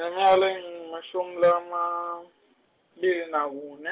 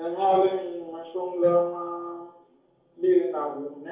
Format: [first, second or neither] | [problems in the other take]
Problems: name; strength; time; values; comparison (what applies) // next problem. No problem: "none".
first | room echo; dies away in 0.7 s